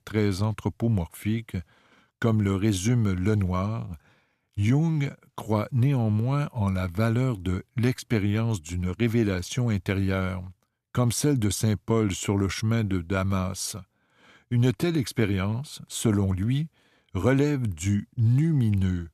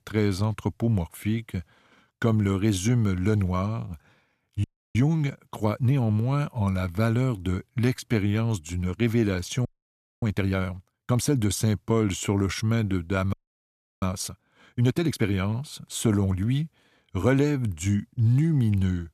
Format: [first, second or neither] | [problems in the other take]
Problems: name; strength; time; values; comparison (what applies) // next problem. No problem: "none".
first | audio freezing; at 4.5 s, at 9.5 s for 0.5 s and at 13 s for 0.5 s